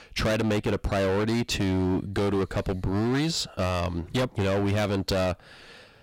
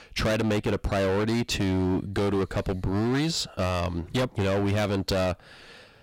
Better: neither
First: distortion; heavy; 23% of the sound clipped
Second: distortion; heavy; 23% of the sound clipped

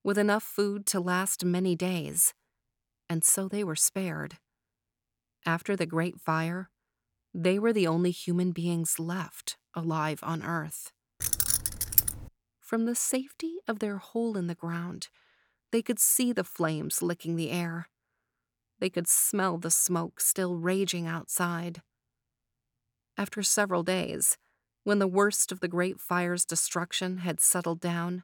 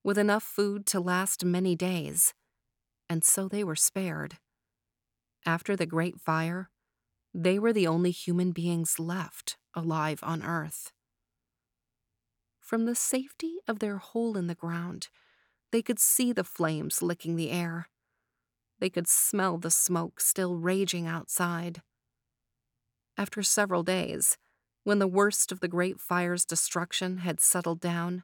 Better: second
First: jangling keys; loud; at 11 s; peak 5 dB above the speech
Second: none

